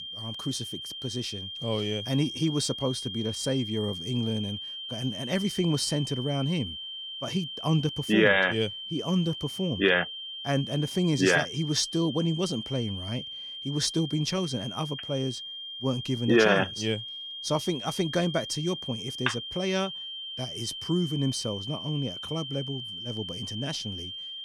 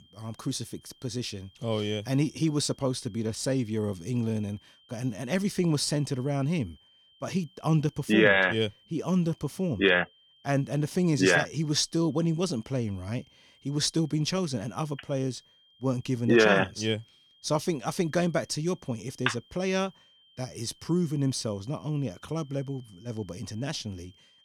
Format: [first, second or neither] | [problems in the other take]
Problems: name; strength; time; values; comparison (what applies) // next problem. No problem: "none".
second | high-pitched whine; loud; throughout; 3 kHz, 7 dB below the speech; faint in the second